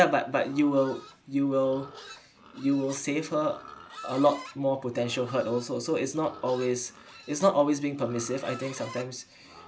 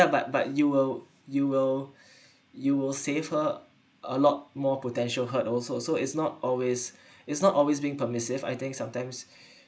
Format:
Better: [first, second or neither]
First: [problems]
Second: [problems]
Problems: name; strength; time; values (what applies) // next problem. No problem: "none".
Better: second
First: background sound (Livestock, farm animals, working animals); 19 dB below the speech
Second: none